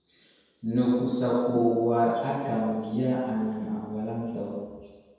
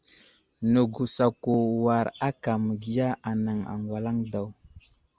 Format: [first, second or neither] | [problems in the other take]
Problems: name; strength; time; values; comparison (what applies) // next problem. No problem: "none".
second | room echo; dies away in 1.2 s